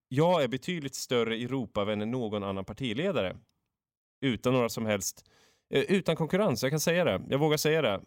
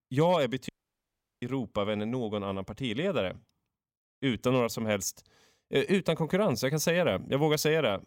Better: first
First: none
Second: audio cutting out; at 0.5 s for 0.5 s

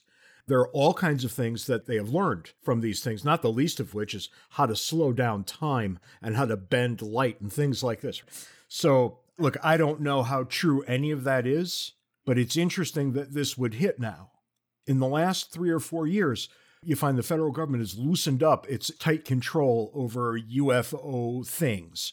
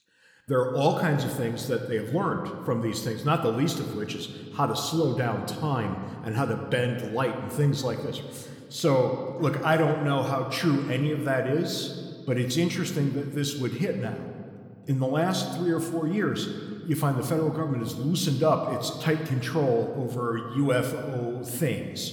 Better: first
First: none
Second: room echo; slight; dies away in 1.6 s

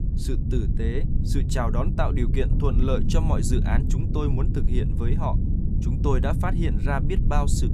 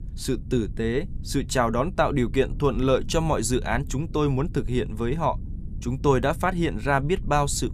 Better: second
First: low rumble; loud; throughout; 6 dB below the speech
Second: low rumble; faint; throughout; 25 dB below the speech

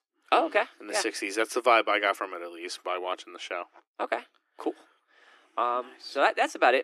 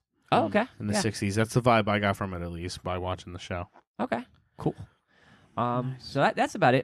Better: second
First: thin; very; fading below 300 Hz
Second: none

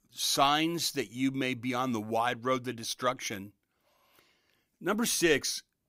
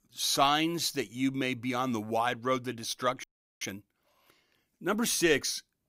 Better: first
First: none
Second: audio freezing; at 3 s

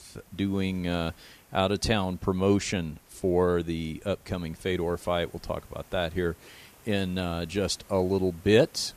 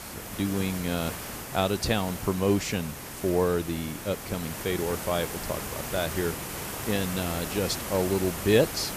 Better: first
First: hiss; faint; throughout; 25 dB below the speech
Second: hiss; loud; throughout; 6 dB below the speech

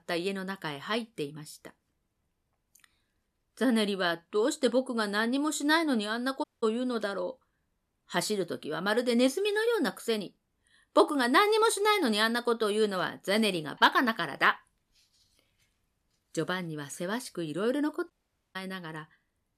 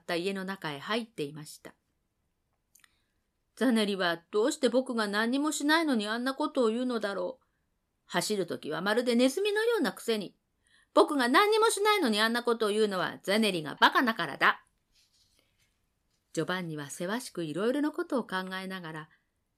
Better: second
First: audio cutting out; at 6.5 s and at 18 s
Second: none

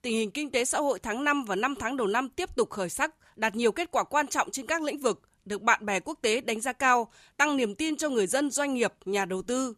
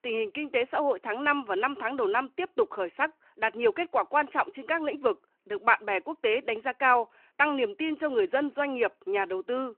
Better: first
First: none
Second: phone-call audio

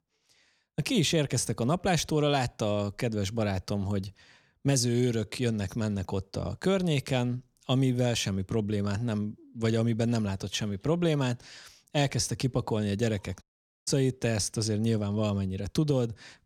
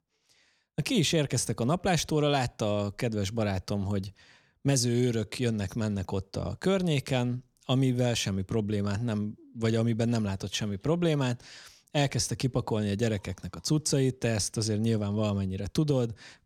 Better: second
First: audio cutting out; at 13 s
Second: none

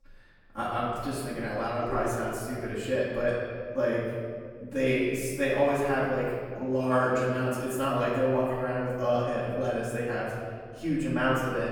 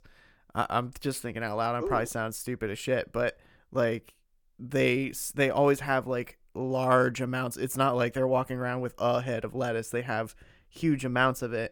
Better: second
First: off-mic speech; far // room echo; strong; dies away in 1.9 s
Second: none

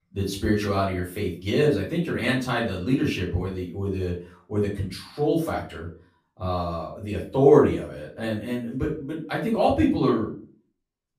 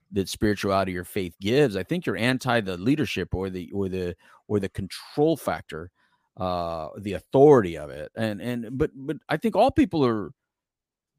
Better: second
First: room echo; slight; dies away in 0.3 s // off-mic speech; far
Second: none

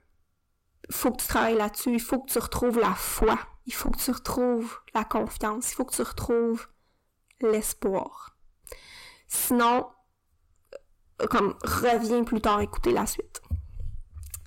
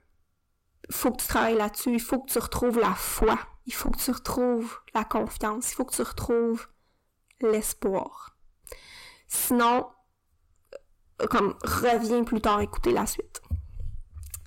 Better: neither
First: distortion; heavy; 7 dB below the speech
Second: distortion; heavy; 7 dB below the speech

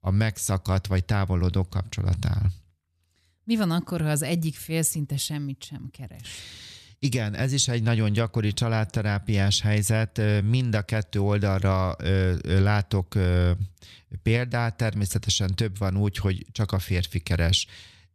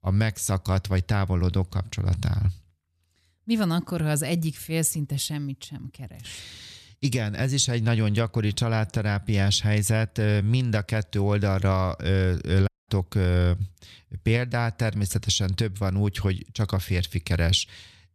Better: first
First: none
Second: audio cutting out; at 13 s

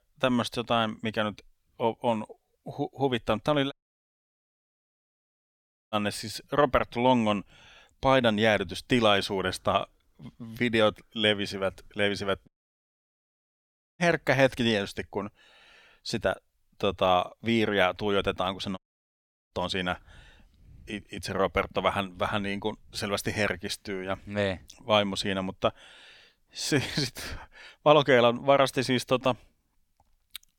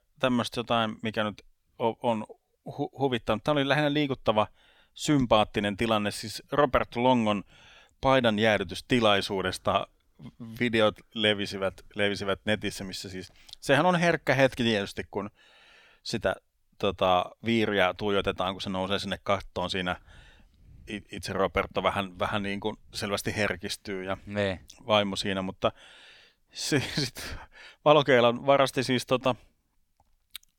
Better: second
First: audio cutting out; at 3.5 s for 2 s, at 12 s for 1.5 s and at 19 s for 0.5 s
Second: none

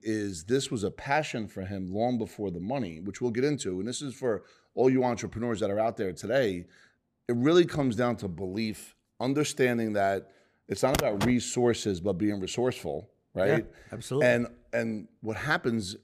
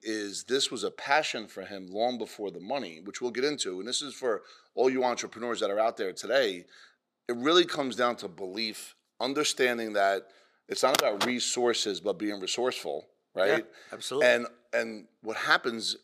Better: first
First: none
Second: thin; somewhat; fading below 400 Hz

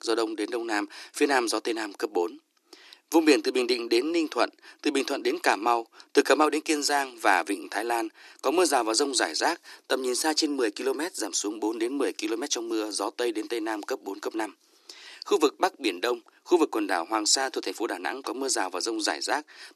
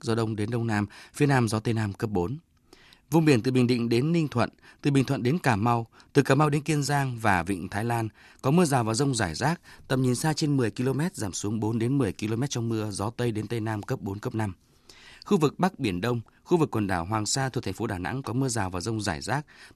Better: second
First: thin; somewhat; fading below 300 Hz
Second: none

